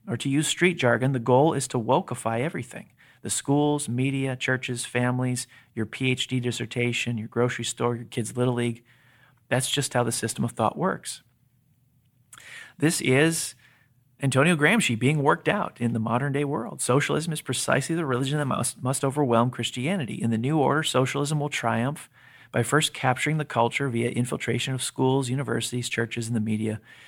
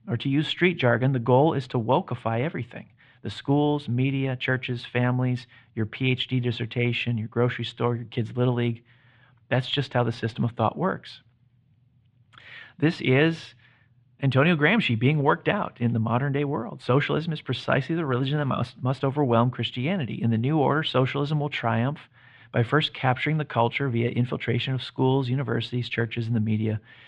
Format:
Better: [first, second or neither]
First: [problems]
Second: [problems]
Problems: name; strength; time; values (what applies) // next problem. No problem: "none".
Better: first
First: none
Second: muffled; slightly; fading above 3.5 kHz